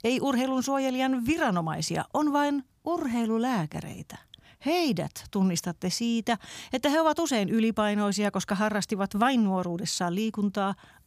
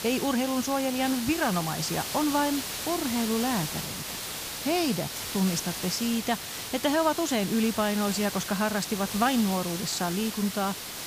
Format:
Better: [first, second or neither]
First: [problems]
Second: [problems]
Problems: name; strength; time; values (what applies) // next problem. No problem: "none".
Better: first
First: none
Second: hiss; loud; throughout; 5 dB below the speech